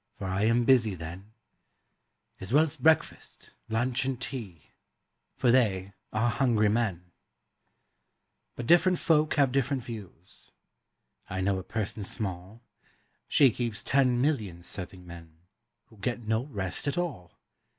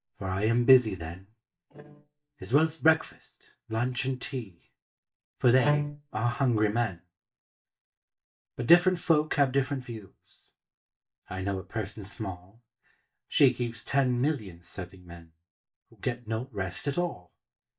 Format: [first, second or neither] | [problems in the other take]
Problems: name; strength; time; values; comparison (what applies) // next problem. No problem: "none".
first | noise reduction (neural mask model DeepFilterNet 3)